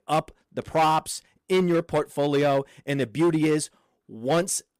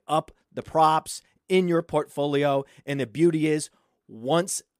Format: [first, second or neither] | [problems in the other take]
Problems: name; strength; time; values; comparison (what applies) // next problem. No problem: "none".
second | distortion; slight; 7% of the sound clipped